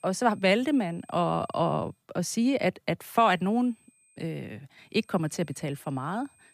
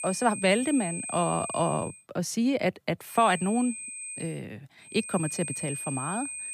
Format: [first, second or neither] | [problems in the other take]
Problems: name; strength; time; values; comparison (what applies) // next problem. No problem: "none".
first | high-pitched whine; loud; until 2 s, from 3 to 4.5 s and from 5 s on; 8.5 kHz, 7 dB below the speech; faint in the first